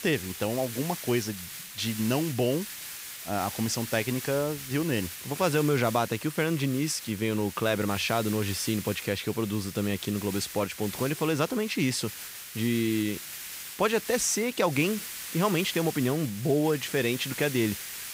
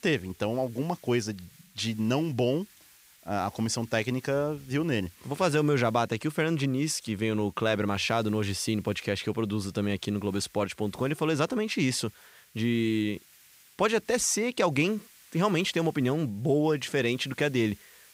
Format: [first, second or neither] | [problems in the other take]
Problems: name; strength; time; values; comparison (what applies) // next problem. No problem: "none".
second | hiss; loud; throughout; 9 dB below the speech; faint in the second